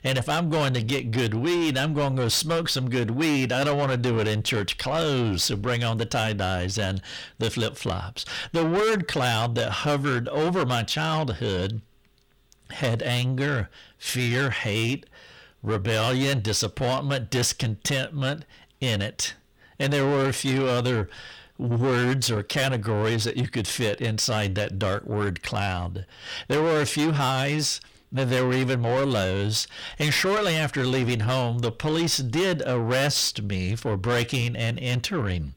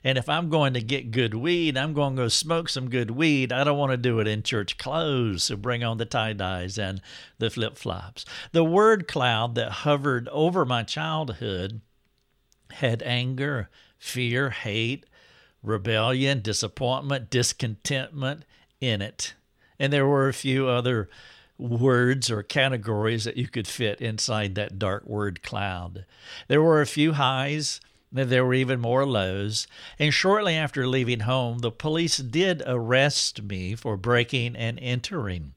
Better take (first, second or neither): second